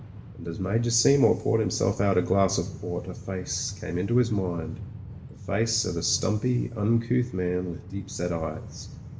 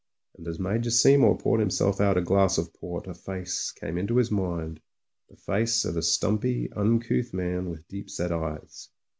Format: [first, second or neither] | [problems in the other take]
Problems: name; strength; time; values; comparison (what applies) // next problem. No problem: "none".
second | background sound (Train); 12 dB below the speech // room echo; dies away in 0.7 s